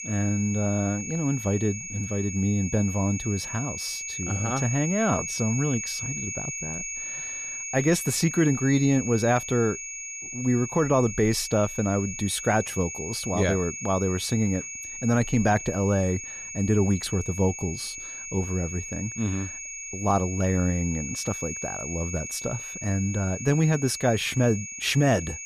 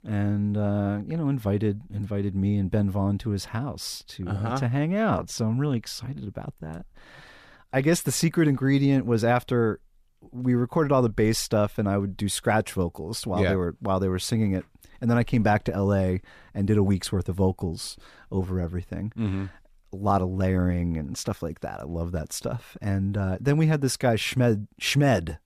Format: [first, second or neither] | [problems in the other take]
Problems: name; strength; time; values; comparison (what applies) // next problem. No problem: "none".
second | high-pitched whine; loud; throughout; 6.5 kHz, 7 dB below the speech